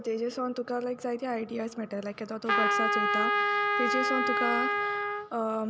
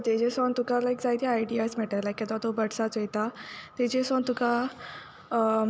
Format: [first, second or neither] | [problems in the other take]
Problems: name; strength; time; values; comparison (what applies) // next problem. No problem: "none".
second | background sound (Trumpet); 5 dB above the speech